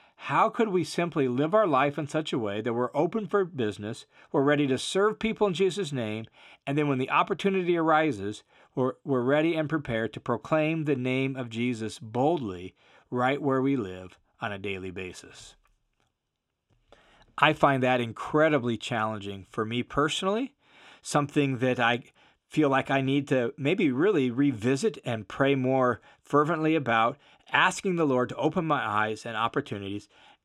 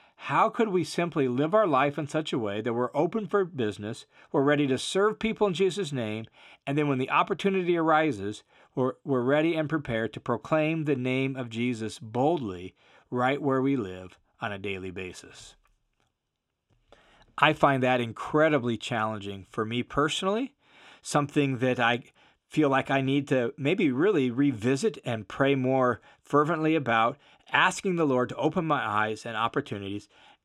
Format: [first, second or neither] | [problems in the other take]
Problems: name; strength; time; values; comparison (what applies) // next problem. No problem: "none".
neither | none